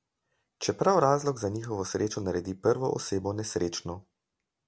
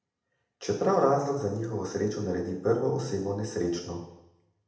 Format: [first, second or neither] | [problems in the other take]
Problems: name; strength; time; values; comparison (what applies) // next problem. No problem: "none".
first | room echo; dies away in 0.8 s